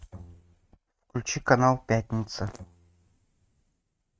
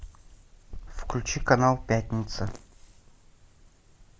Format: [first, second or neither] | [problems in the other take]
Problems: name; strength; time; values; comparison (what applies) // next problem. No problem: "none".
second | noise reduction (neural mask model RNNoise)